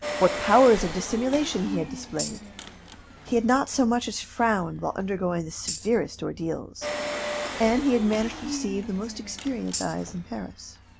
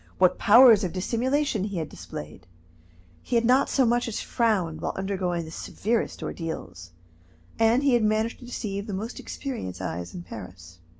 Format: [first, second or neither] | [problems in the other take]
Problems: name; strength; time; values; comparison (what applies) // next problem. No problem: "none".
second | background sound (Tambourine + Engine); 10 dB below the speech